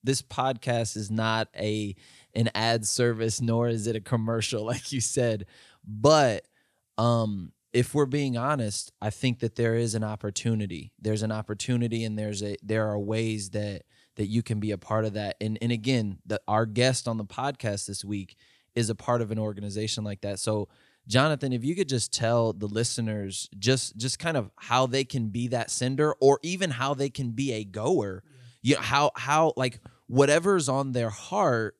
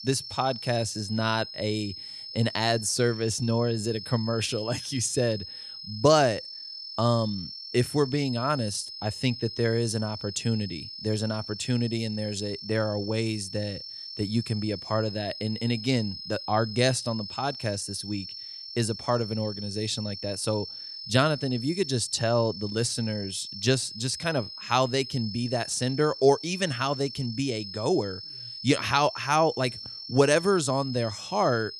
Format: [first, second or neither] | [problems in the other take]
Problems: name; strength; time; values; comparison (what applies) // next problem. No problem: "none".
first | high-pitched whine; loud; throughout; 5 kHz, 10 dB below the speech